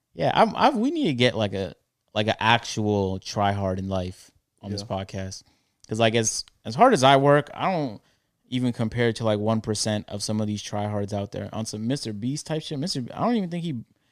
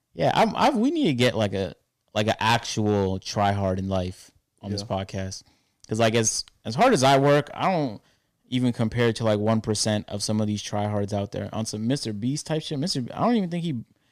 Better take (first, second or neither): first